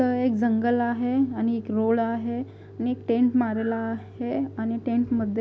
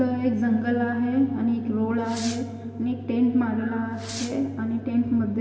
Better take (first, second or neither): first